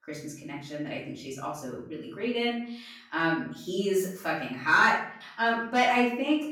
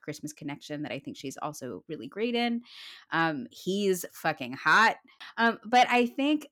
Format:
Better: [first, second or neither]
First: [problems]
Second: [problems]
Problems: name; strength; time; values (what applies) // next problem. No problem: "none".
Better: second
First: room echo; noticeable; dies away in 0.5 s // off-mic speech; far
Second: none